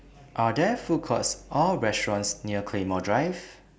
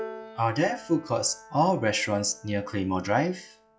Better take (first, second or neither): first